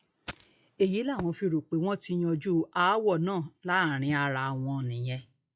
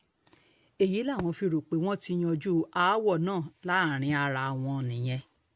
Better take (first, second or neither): second